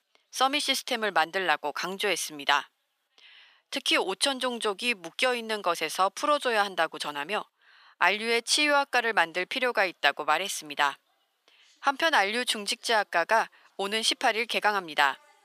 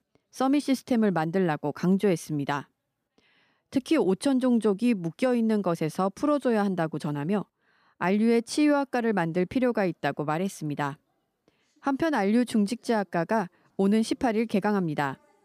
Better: second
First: thin; very; fading below 900 Hz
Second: none

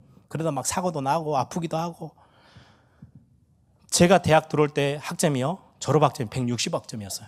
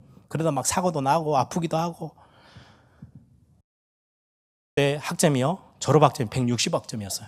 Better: first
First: none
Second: audio cutting out; at 3.5 s for 1 s

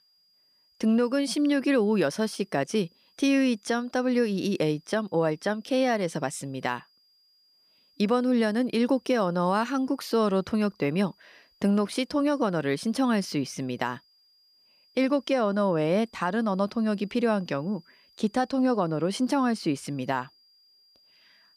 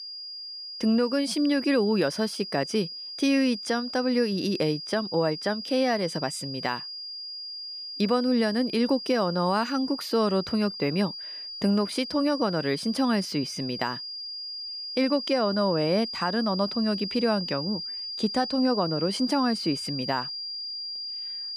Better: first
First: high-pitched whine; faint; throughout; 5 kHz, 35 dB below the speech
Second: high-pitched whine; loud; throughout; 5 kHz, 7 dB below the speech

